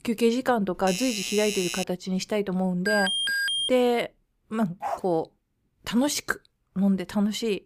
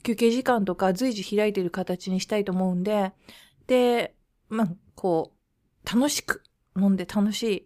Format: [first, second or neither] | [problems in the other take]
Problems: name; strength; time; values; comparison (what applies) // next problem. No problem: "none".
second | doorbell; noticeable; from 1 to 2 s; peak 3 dB below the speech // alarm; loud; at 3 s; peak 3 dB above the speech // dog barking; noticeable; at 5 s; peak 7 dB below the speech